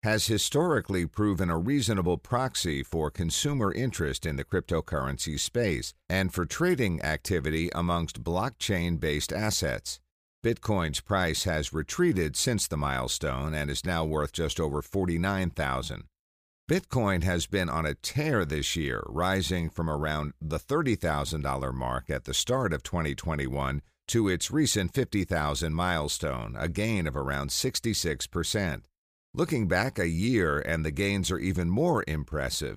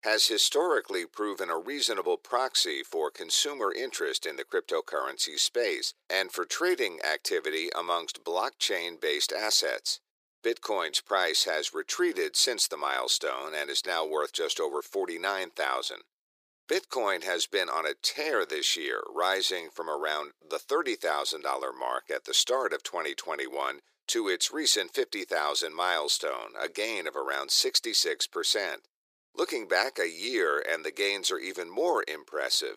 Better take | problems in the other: first | thin; very; fading below 350 Hz

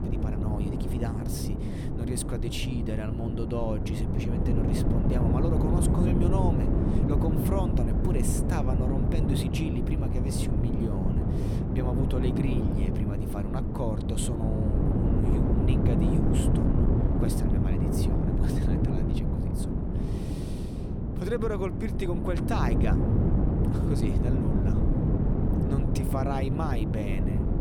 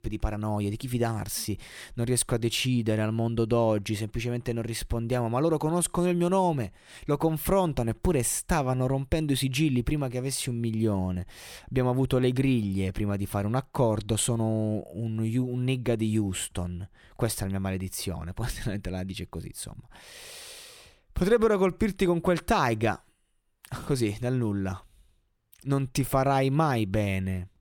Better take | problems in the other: second | wind noise on the microphone; heavy; 2 dB above the speech

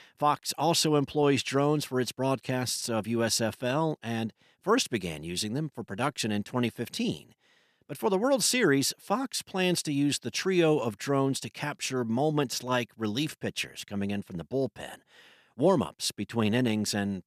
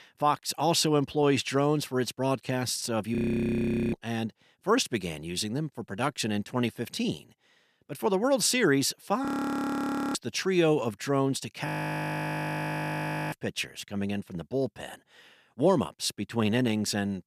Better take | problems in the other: first | audio freezing; at 3 s for 1 s, at 9.5 s for 1 s and at 12 s for 1.5 s

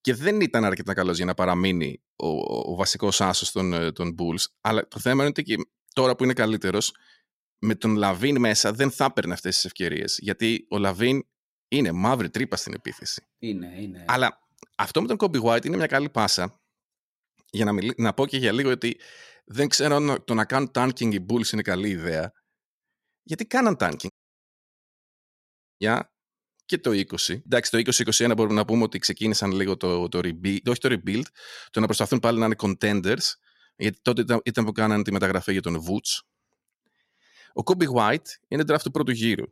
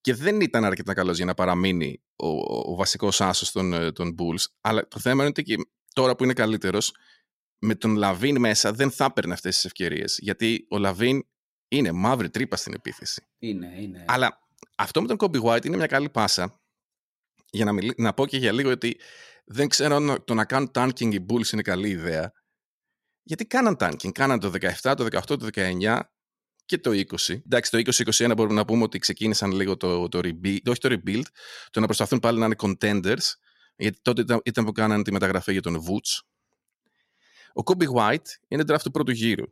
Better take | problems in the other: second | audio cutting out; at 24 s for 1.5 s

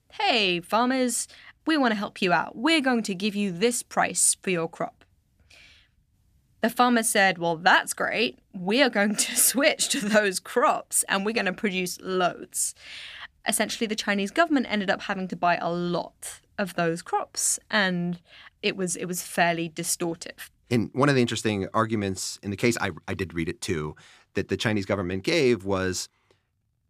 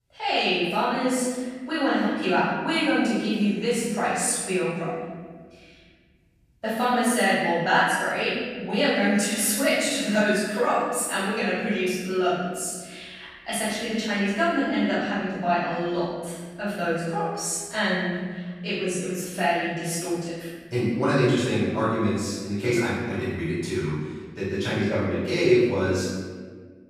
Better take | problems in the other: first | room echo; strong; dies away in 1.5 s // off-mic speech; far

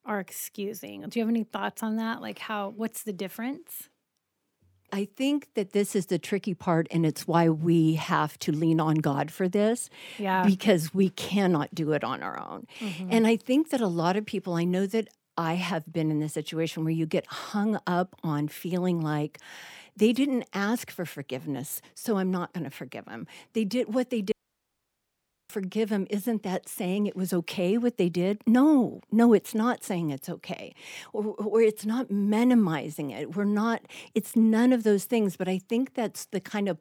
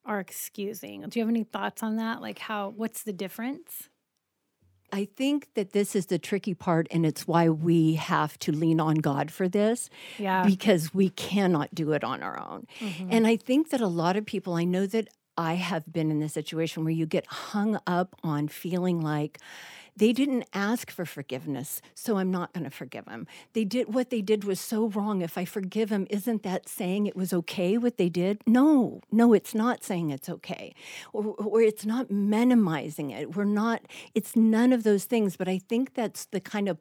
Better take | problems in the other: second | audio cutting out; at 24 s for 1 s

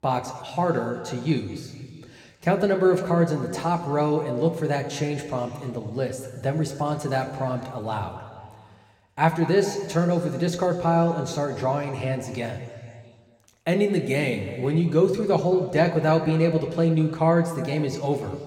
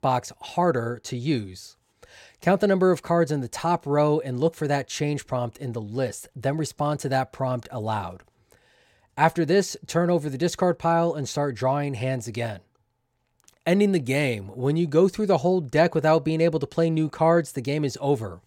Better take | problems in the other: second | room echo; slight; dies away in 2.2 s

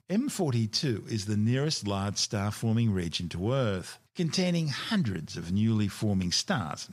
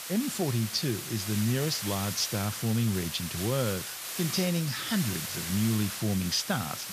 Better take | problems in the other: first | hiss; loud; throughout; 5 dB below the speech

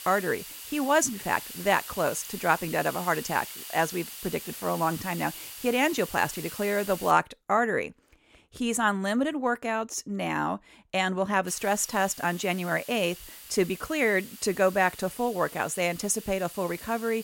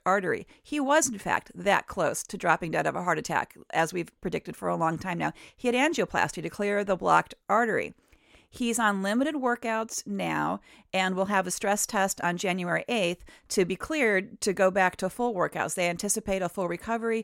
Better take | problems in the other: second | hiss; noticeable; until 7 s and from 11 s on; 10 dB below the speech

